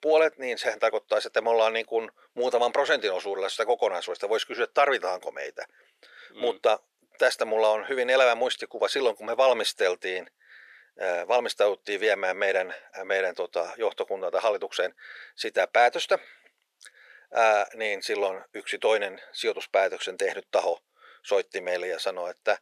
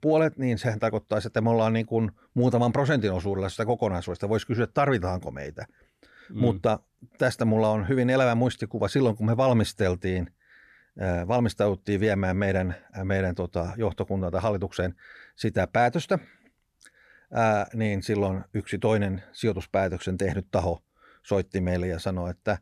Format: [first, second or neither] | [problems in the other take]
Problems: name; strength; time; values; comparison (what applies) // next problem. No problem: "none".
second | thin; very; fading below 450 Hz